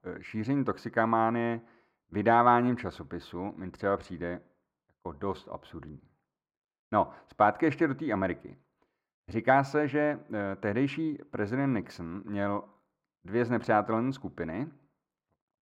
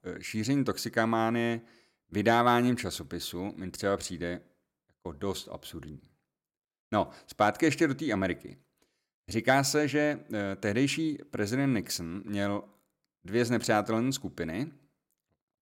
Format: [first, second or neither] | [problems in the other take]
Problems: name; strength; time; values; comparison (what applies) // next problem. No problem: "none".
second | muffled; very; fading above 4 kHz